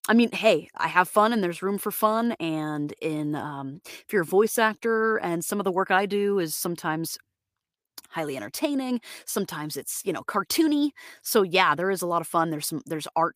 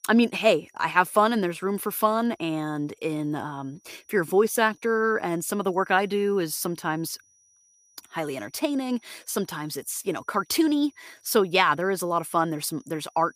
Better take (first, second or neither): first